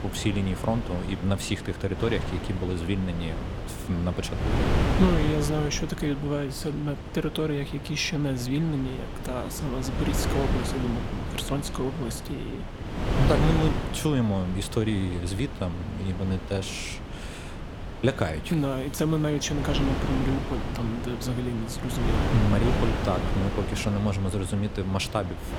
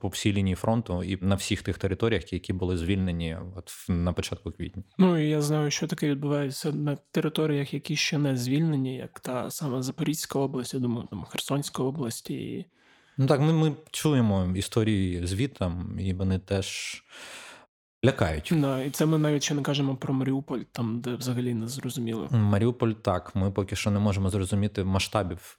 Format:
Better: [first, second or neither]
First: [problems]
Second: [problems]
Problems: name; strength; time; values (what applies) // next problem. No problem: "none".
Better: second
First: wind noise on the microphone; heavy; 4 dB below the speech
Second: none